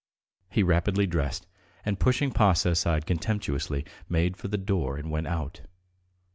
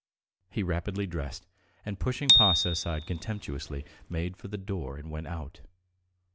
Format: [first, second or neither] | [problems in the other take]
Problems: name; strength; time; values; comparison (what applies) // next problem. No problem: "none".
first | background sound (Bicycle bell); 5 dB above the speech